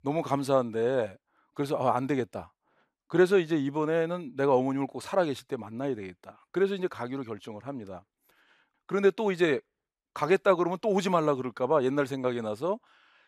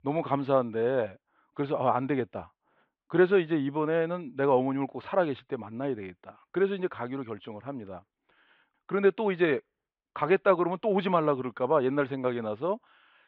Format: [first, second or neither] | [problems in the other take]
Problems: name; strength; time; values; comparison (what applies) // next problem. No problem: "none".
first | muffled; very; fading above 3.5 kHz